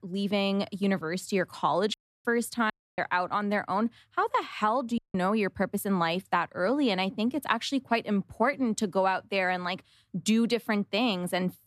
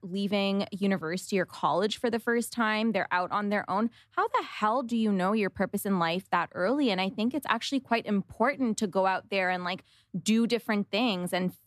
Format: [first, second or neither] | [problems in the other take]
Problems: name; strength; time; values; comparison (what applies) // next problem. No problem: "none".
second | audio cutting out; at 2 s, at 2.5 s and at 5 s